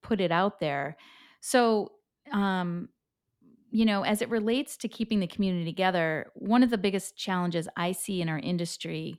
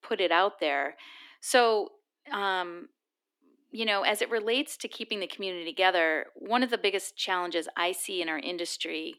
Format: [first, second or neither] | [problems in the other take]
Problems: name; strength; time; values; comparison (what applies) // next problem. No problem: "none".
first | thin; somewhat; fading below 300 Hz